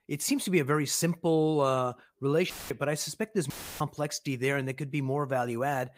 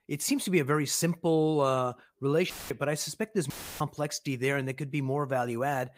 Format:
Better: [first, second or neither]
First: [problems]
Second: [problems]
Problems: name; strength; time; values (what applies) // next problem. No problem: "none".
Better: neither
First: audio cutting out; filled with static; at 2.5 s and at 3.5 s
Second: audio cutting out; filled with static; at 2.5 s and at 3.5 s